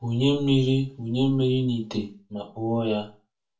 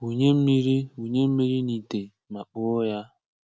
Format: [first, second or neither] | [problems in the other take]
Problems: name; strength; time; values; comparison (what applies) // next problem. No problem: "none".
second | room echo; dies away in 0.3 s